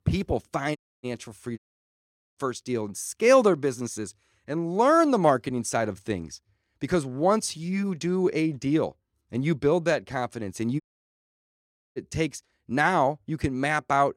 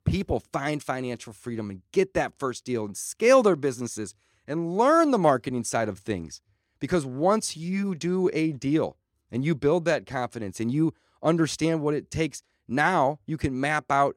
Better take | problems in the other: second | audio cutting out; at 1 s, at 1.5 s for 1 s and at 11 s for 1 s

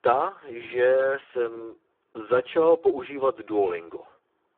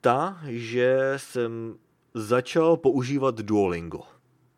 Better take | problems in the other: second | phone-call audio; poor line

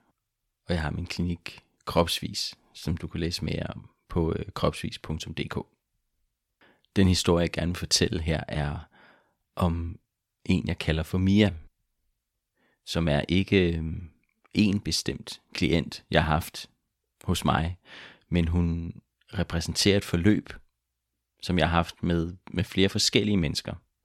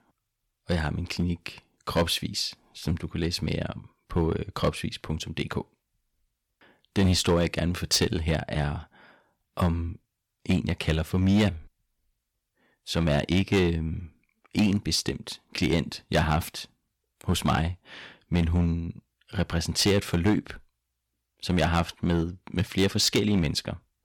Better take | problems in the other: first | distortion; slight; 3% of the sound clipped

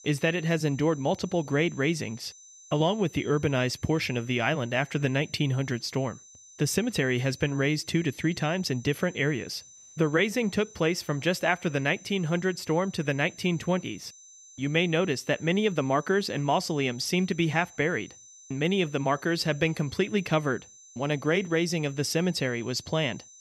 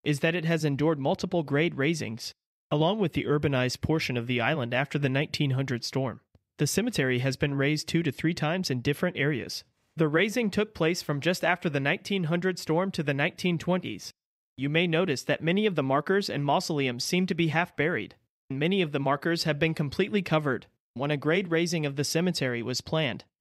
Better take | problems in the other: second | high-pitched whine; faint; throughout; 6 kHz, 20 dB below the speech

